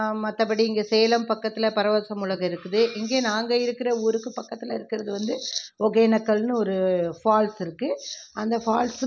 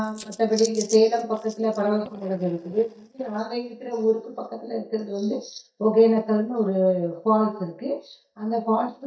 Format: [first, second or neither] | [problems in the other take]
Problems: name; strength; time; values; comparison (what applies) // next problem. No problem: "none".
first | noise reduction (neural mask model DeepFilterNet 3)